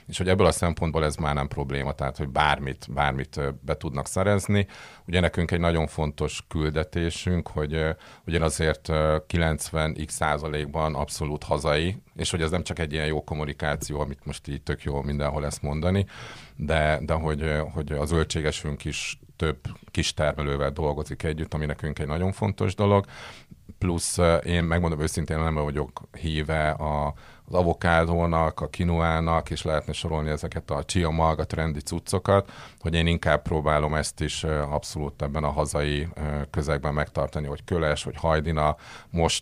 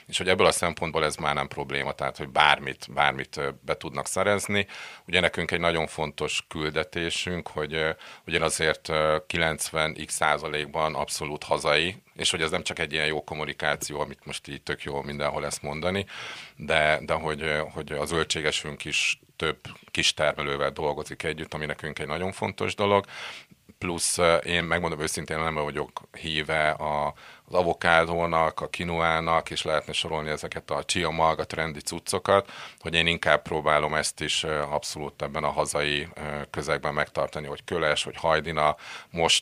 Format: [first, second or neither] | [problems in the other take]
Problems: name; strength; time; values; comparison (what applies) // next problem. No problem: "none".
first | thin; somewhat; fading below 500 Hz